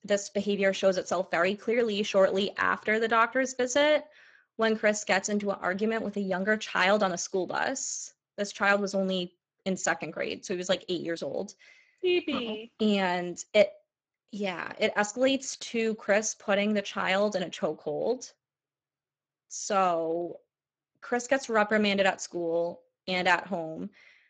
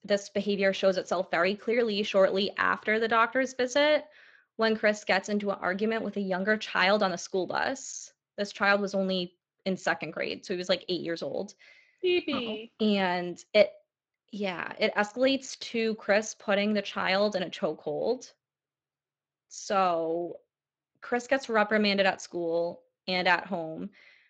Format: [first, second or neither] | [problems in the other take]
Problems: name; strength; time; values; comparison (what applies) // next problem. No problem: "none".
second | garbled, watery; badly; nothing above 7.5 kHz; slightly in the second